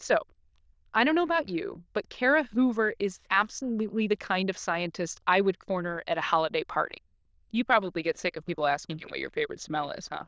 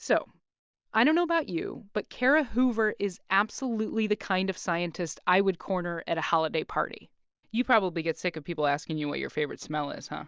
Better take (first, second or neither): second